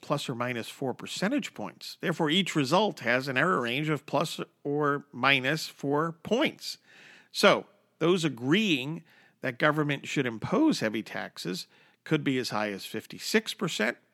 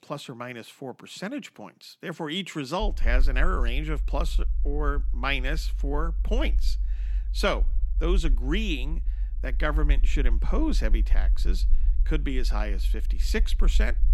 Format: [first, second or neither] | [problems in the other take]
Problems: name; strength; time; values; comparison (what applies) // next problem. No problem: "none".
first | low rumble; faint; from 3 s on; 20 dB below the speech